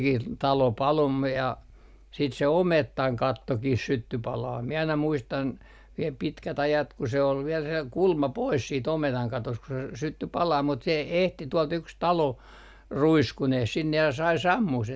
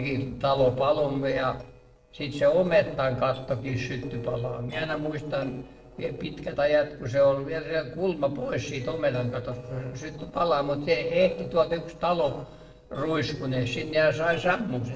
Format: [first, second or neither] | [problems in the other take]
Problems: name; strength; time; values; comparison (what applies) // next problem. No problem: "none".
first | noise reduction (neural separator model SepFormer DNS4)